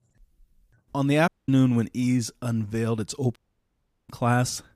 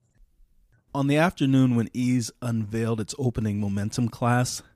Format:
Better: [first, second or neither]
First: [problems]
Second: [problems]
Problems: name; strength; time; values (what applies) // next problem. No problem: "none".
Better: second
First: audio cutting out; at 1.5 s and at 3.5 s for 0.5 s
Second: none